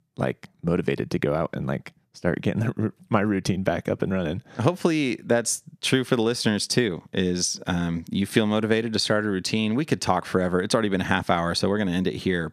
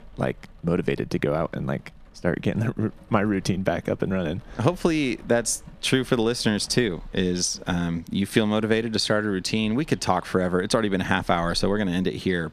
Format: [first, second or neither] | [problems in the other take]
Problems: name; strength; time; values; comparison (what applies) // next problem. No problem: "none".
first | rain or running water; faint; throughout; 25 dB below the speech